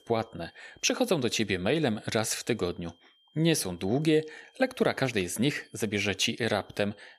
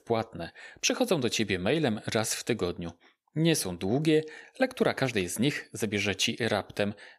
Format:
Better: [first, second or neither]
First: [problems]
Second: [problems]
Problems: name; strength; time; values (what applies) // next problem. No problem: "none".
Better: second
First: high-pitched whine; faint; throughout; 3 kHz, 35 dB below the speech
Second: none